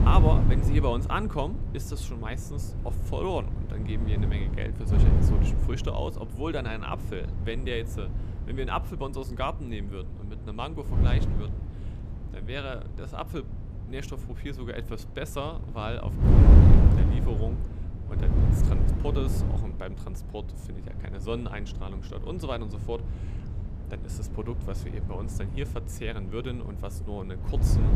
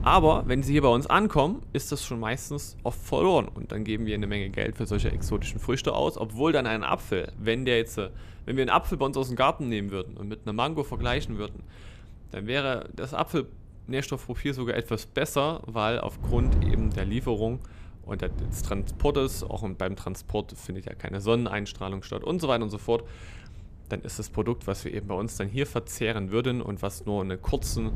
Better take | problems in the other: second | wind noise on the microphone; heavy; 4 dB below the speech; occasional gusts in the second

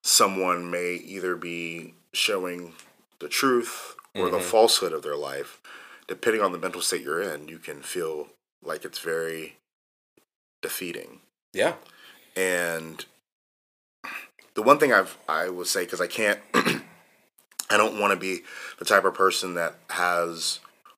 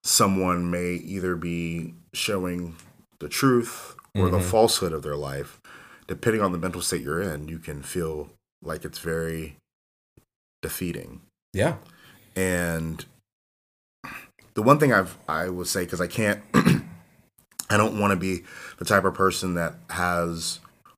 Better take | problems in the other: second | thin; somewhat; fading below 400 Hz

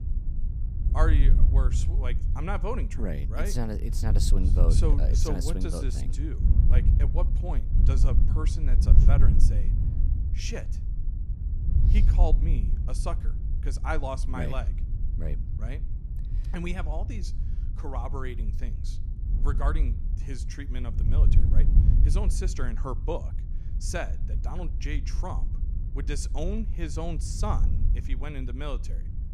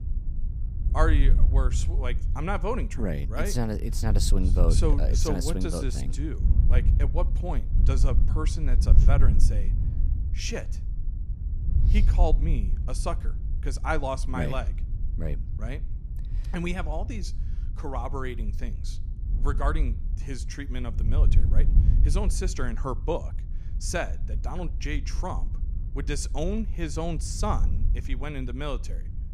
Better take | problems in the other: second | wind noise on the microphone; heavy; 8 dB below the speech; occasional gusts in the second

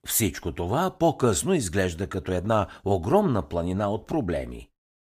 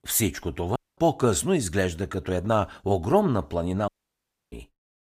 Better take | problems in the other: first | audio cutting out; at 1 s and at 4 s for 0.5 s

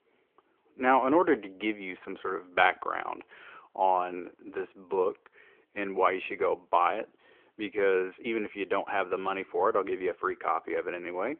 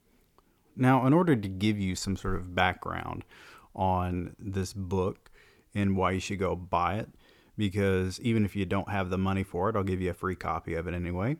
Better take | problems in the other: second | phone-call audio; nothing above 3.5 kHz

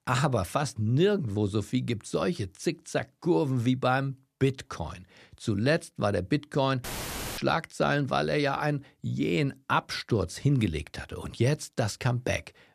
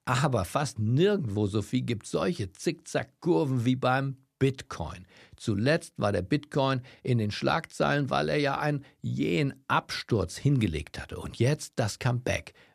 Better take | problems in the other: second | audio cutting out; filled with static; at 7 s for 0.5 s

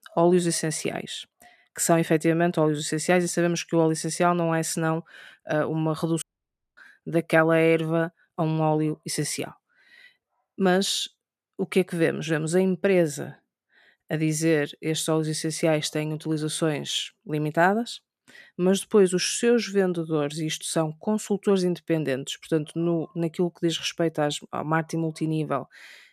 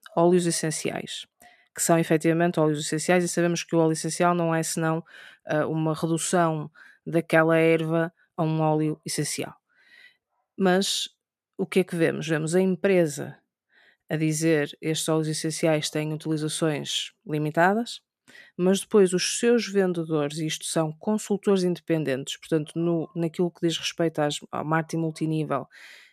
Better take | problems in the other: second | audio cutting out; at 6 s for 0.5 s

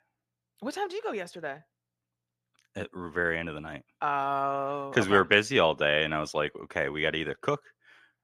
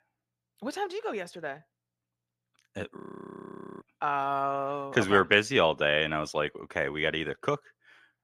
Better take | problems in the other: first | audio freezing; at 3 s for 1 s

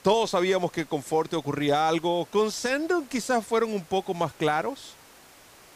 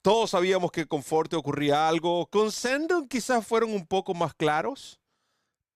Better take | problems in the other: second | hiss; faint; throughout; 25 dB below the speech

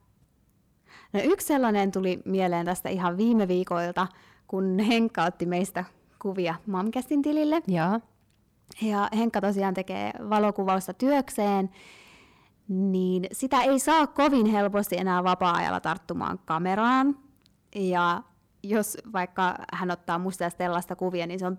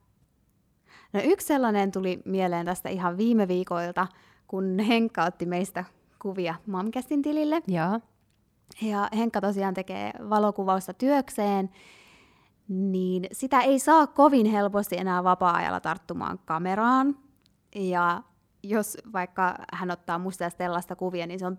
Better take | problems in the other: second | distortion; slight; 10 dB below the speech

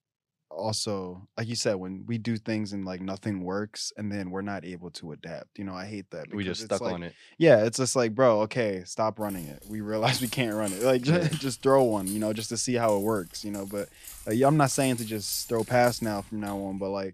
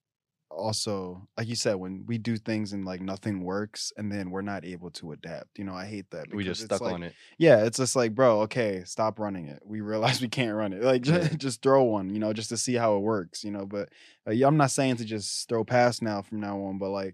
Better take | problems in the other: second | jangling keys; noticeable; from 9 s on; peak 8 dB below the speech

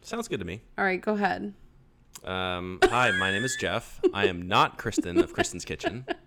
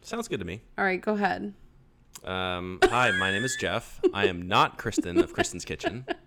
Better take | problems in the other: neither | distortion; slight; 0.5% of the sound clipped; the same in both

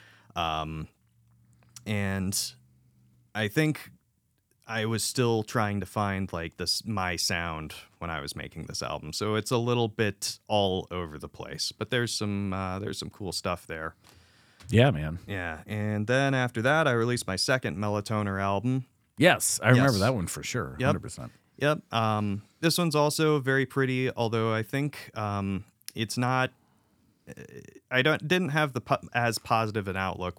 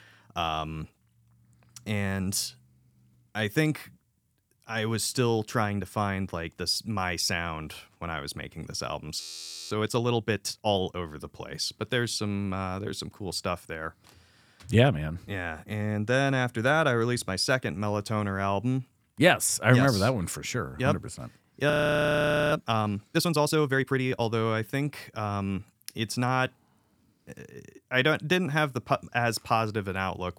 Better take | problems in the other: first | audio freezing; at 9 s for 0.5 s and at 22 s for 1 s

